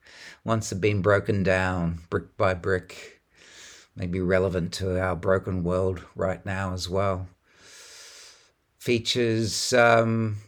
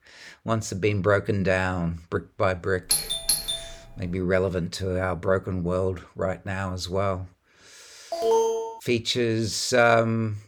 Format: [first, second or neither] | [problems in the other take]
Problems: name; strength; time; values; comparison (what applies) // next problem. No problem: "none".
first | doorbell; loud; at 3 s; peak 2 dB above the speech // alarm; loud; at 8 s; peak 3 dB above the speech